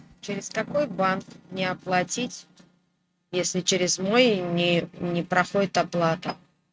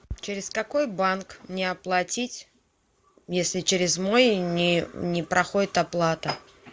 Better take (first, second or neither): second